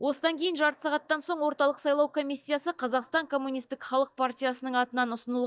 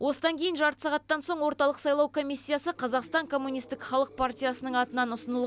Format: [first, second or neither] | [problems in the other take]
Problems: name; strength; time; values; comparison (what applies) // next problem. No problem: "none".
second | noise reduction (neural mask model DeepFilterNet 3)